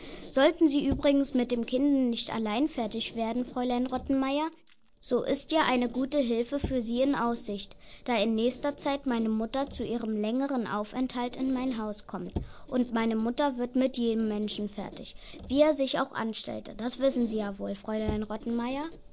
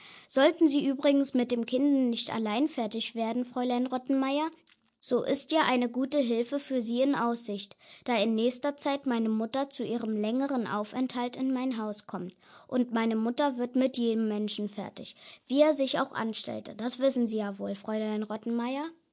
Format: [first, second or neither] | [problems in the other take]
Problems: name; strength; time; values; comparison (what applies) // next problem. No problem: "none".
second | background sound (Squeak); 15 dB below the speech